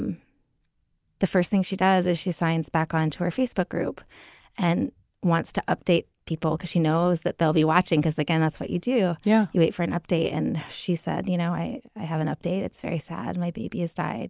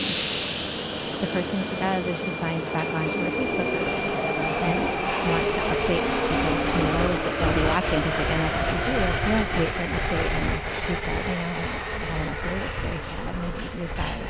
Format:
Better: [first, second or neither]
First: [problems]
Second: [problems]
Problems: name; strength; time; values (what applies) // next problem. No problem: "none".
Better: first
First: none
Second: background sound (Subway, metro, underground); 4 dB above the speech